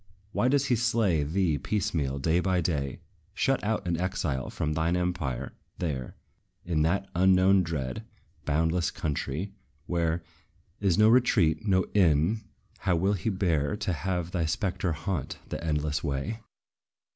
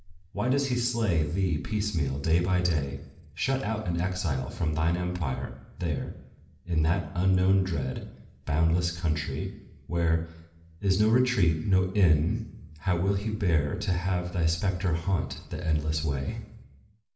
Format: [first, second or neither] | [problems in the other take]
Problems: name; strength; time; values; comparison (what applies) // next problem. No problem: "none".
first | room echo; dies away in 0.8 s